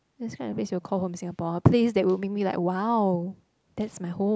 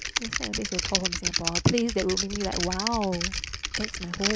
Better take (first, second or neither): first